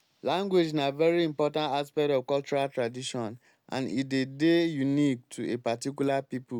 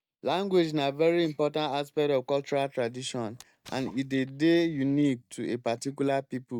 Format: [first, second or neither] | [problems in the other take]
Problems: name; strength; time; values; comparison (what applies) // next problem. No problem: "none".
first | noise reduction (neural mask model DeepFilterNet 3)